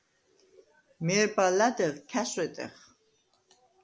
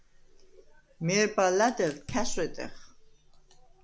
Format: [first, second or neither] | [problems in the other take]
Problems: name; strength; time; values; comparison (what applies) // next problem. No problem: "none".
first | background sound (Fire); 10 dB below the speech